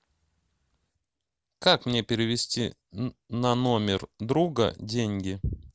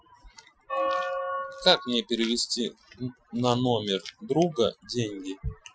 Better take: first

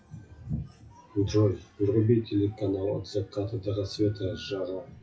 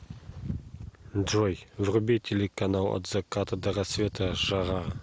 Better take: second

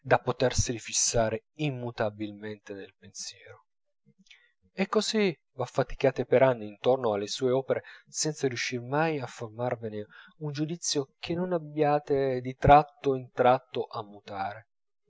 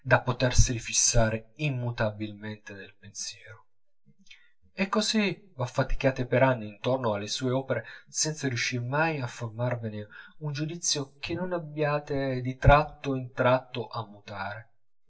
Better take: first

